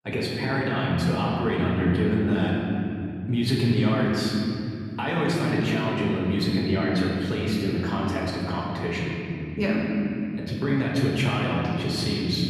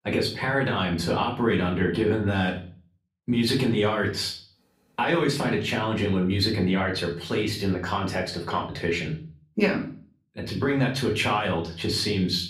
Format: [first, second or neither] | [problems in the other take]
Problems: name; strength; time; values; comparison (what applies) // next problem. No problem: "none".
second | room echo; strong; dies away in 3 s; slight in the second // off-mic speech; far; far in the second